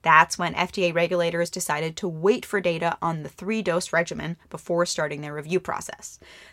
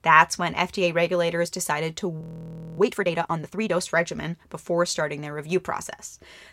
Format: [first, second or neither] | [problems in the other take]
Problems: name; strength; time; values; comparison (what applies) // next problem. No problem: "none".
first | audio freezing; at 2 s for 0.5 s